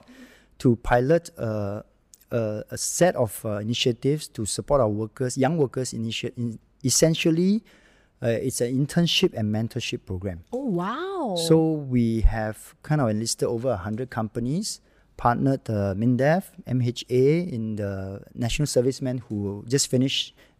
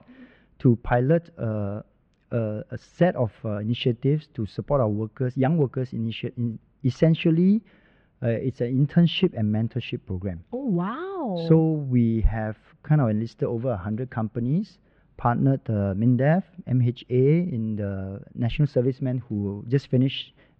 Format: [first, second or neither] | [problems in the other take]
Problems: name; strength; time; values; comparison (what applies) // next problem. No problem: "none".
first | muffled; very; fading above 3 kHz